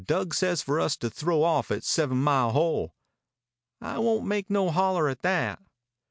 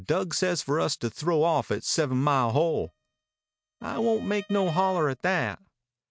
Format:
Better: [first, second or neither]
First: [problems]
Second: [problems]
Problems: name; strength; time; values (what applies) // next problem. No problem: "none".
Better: first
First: none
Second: noise reduction (neural mask model RNNoise)